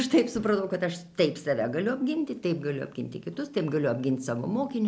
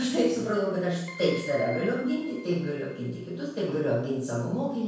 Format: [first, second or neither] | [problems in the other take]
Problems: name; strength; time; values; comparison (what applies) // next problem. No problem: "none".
first | background sound (Keyboard (musical)); 16 dB below the speech // room echo; dies away in 0.7 s